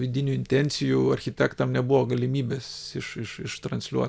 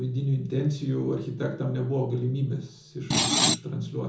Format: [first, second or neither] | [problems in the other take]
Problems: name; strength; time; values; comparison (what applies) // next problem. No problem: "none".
first | background sound (Screech); 4 dB above the speech // room echo; dies away in 0.6 s